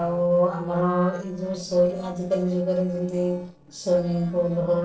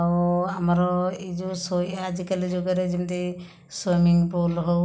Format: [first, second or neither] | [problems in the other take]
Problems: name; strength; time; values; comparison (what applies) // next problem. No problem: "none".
second | noise reduction (neural separator model SepFormer DNS4)